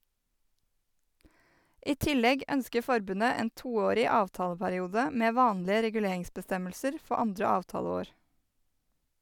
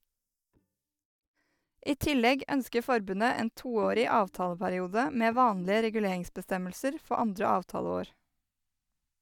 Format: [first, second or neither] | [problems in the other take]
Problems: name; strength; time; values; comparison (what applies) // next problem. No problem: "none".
first | noise reduction (neural mask model DeepFilterNet 3)